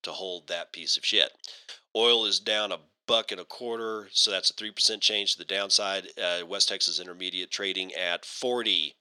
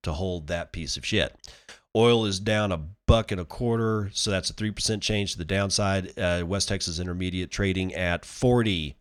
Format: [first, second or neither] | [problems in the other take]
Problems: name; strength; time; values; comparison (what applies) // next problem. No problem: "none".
second | thin; very; fading below 350 Hz